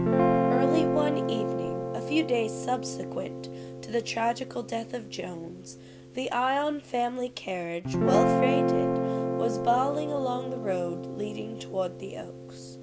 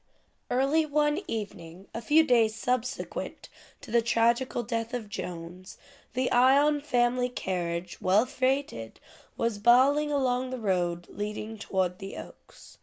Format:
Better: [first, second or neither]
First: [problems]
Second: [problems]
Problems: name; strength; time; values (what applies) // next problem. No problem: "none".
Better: second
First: background sound (Guitar); 2 dB above the speech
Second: none